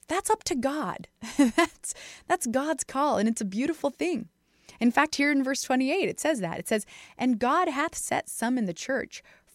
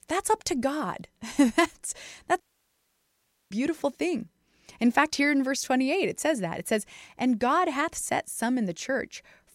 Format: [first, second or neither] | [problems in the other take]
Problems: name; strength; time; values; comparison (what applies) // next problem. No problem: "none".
first | audio cutting out; at 2.5 s for 1 s